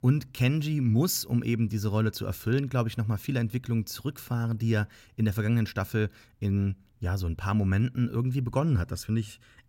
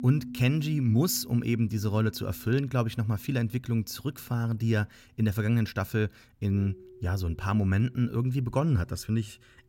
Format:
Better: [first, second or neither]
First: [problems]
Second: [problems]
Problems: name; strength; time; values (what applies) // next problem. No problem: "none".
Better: first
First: none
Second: background music; noticeable; throughout; 20 dB below the speech